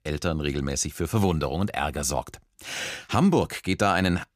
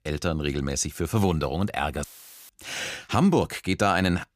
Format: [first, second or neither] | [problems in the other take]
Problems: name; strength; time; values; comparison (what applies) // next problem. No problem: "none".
first | audio cutting out; filled with static; at 2 s